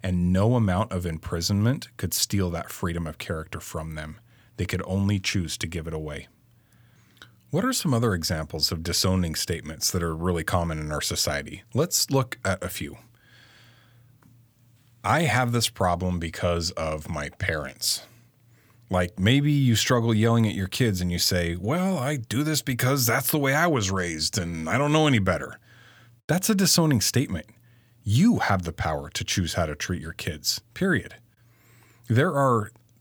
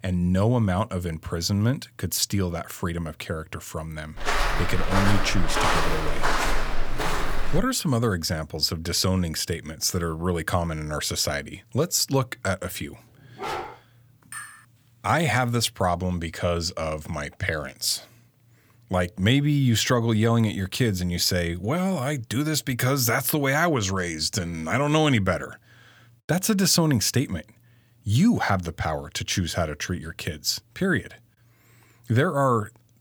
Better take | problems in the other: first | footsteps; loud; from 4 to 7.5 s; peak 2 dB above the speech // dog barking; noticeable; at 13 s; peak 7 dB below the speech // clattering dishes; faint; at 14 s; peak 15 dB below the speech

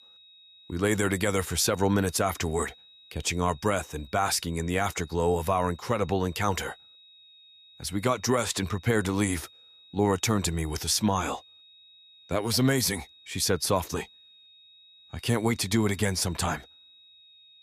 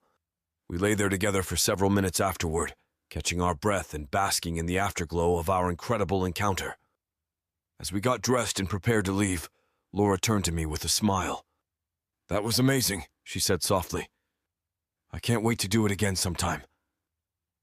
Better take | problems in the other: second | high-pitched whine; faint; throughout; 4 kHz, 25 dB below the speech

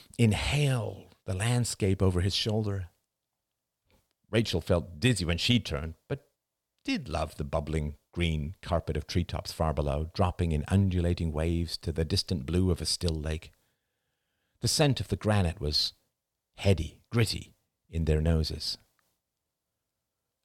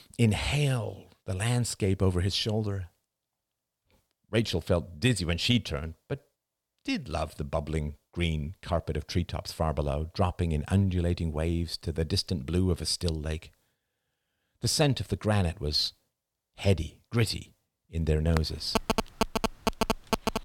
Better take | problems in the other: first | phone ringing; loud; from 18 s on; peak level with the speech

